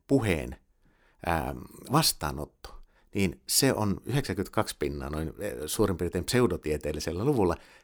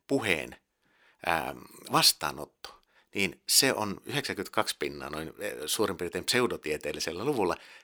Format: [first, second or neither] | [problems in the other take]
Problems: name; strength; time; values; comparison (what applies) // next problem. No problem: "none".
first | thin; somewhat; fading below 450 Hz